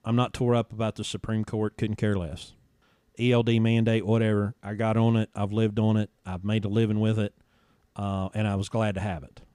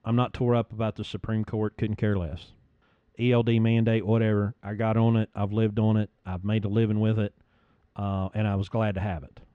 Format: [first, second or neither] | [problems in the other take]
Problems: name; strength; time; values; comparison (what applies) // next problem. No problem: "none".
first | muffled; slightly; fading above 3 kHz